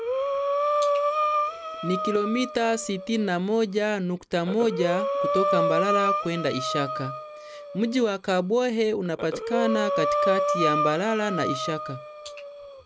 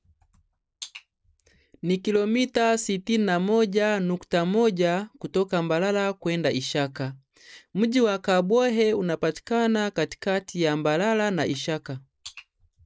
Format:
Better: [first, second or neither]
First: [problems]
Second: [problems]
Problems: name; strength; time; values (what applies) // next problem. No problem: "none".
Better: second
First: background sound (Breathing); 1 dB below the speech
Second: none